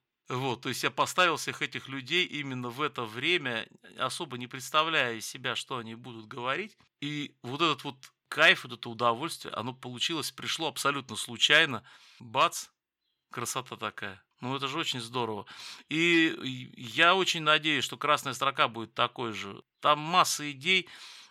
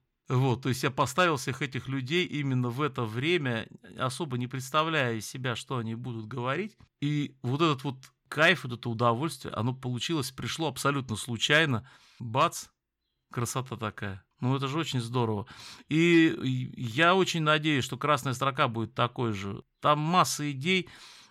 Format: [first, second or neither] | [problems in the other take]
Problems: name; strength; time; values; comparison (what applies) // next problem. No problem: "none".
second | thin; somewhat; fading below 500 Hz